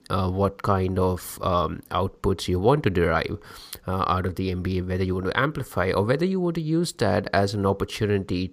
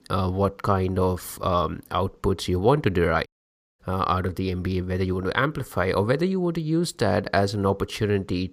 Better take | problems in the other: first | audio cutting out; at 3.5 s for 0.5 s

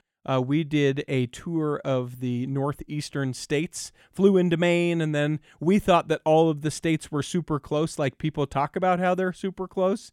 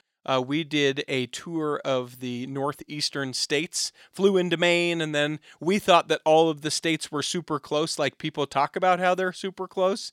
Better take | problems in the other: first | thin; very slightly; fading below 1 kHz

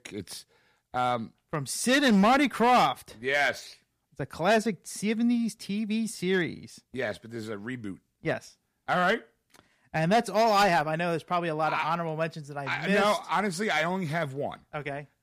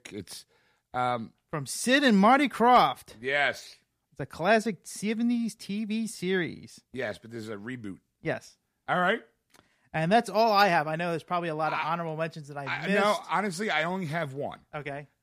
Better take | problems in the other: second | distortion; slight; 3% of the sound clipped

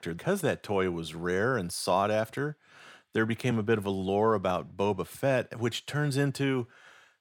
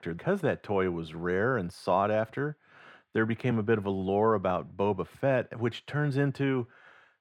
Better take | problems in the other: first | muffled; slightly; fading above 4 kHz

